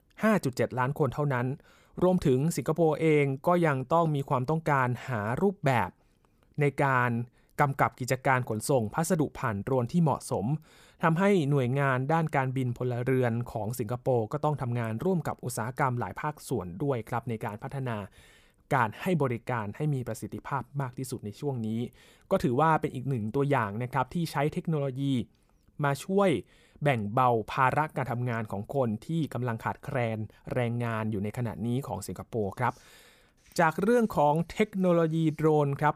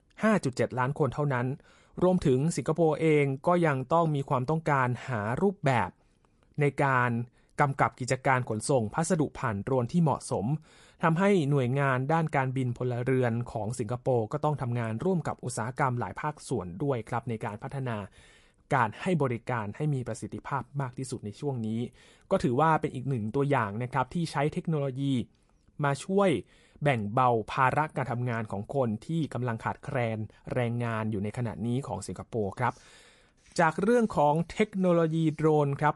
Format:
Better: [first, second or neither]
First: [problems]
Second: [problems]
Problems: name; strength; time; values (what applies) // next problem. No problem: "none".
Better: first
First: none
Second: garbled, watery; slightly; nothing above 11 kHz